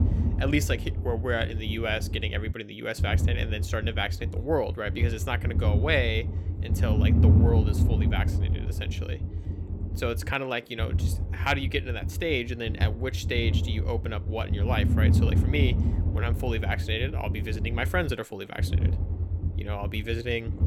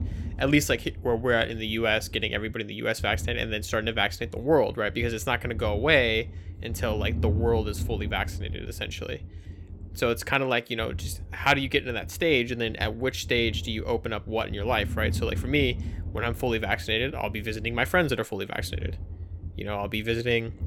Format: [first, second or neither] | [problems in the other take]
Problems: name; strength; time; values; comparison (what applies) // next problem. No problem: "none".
second | low rumble; loud; throughout; 9 dB below the speech; faint in the second